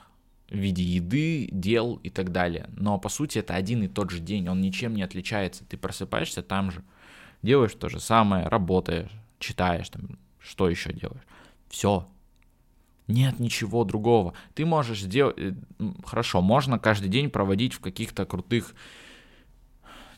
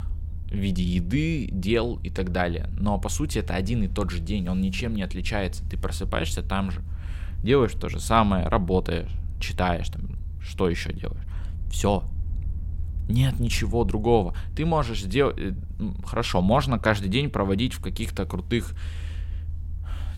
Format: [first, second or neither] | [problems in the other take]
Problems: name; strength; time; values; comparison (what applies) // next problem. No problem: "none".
first | low rumble; faint; throughout; 25 dB below the speech